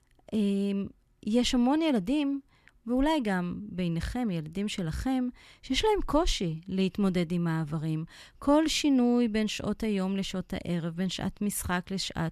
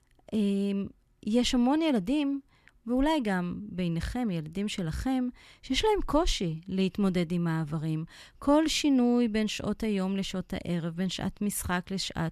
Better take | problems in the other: neither | none

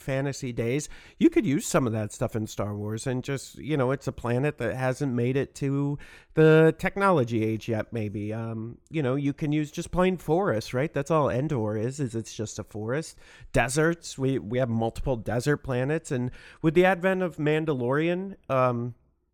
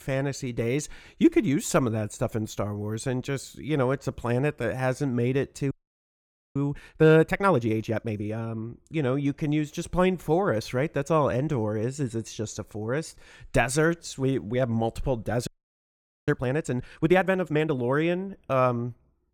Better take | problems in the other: first | audio freezing; at 5.5 s for 1 s and at 15 s for 1 s

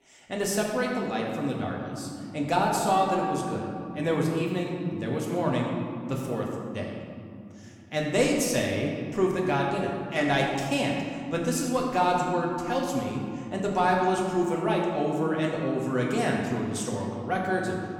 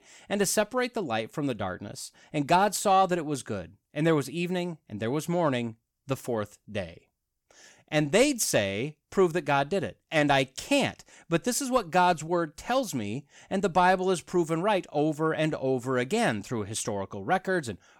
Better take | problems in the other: second | room echo; noticeable; dies away in 2.7 s // off-mic speech; somewhat distant

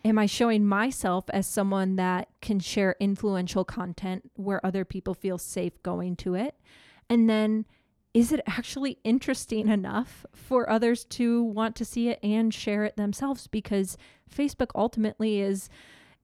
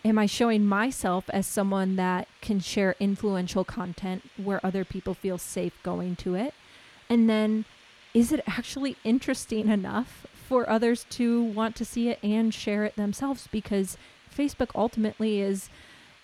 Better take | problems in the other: first | hiss; faint; throughout; 25 dB below the speech

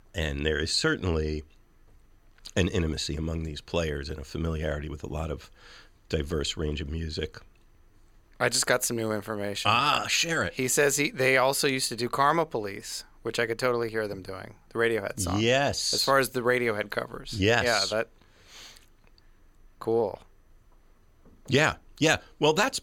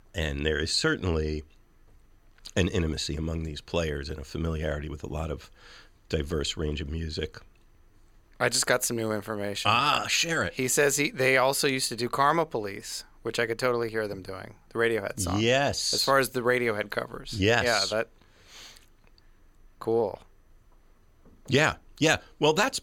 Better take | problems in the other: neither | none

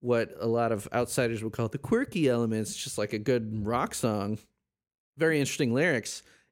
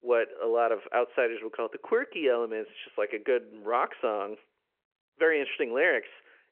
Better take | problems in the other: first | phone-call audio

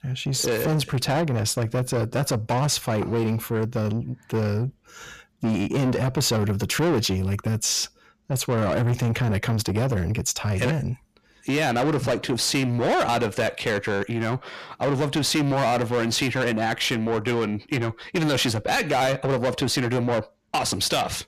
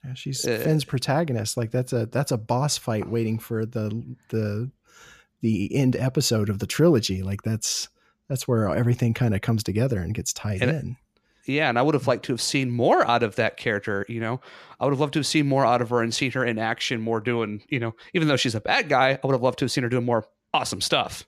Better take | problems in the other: second | distortion; heavy; 7 dB below the speech

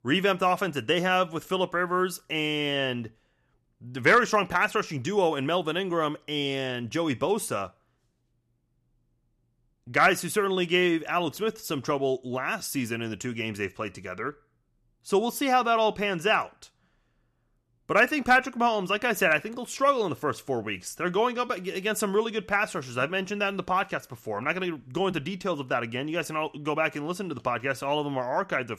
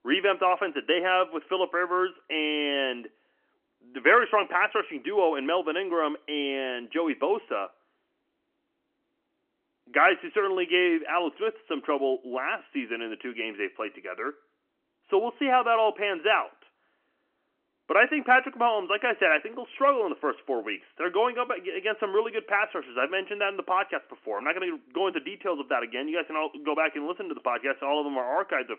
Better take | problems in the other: first | phone-call audio; nothing above 3 kHz

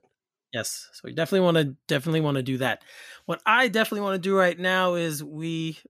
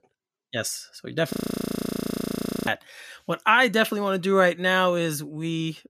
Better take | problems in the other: first | audio freezing; at 1.5 s for 1.5 s

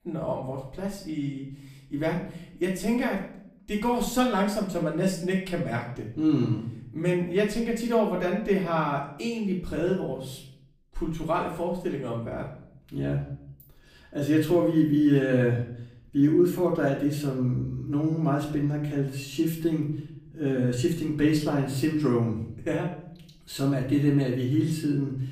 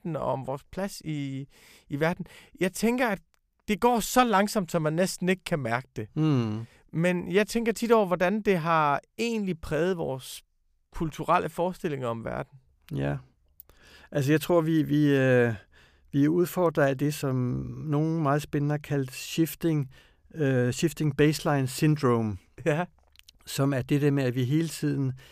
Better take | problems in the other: second | off-mic speech; far // room echo; noticeable; dies away in 0.6 s

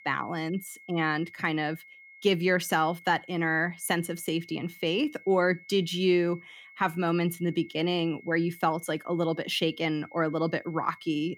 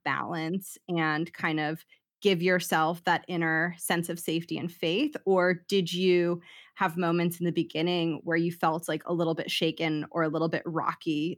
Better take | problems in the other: second | high-pitched whine; faint; throughout; 2 kHz, 20 dB below the speech

